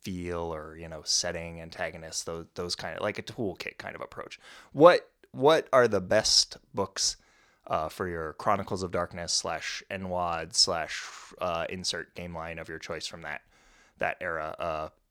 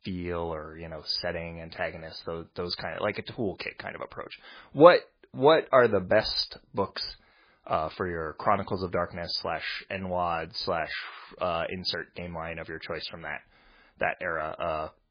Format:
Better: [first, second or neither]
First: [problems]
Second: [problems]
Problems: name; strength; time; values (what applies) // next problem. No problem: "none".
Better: first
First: none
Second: garbled, watery; badly; nothing above 5 kHz